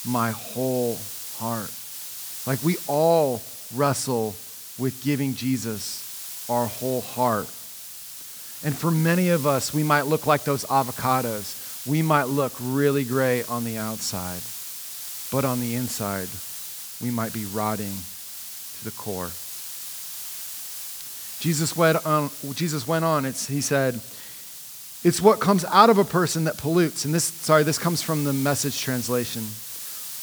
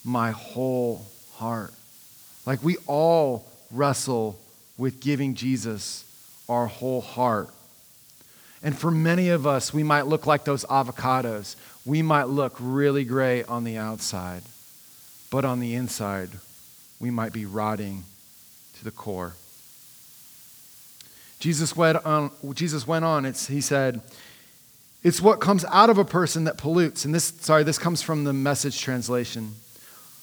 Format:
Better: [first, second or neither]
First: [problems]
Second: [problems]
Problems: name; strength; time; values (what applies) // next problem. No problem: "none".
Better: second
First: hiss; loud; throughout; 9 dB below the speech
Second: hiss; faint; throughout; 20 dB below the speech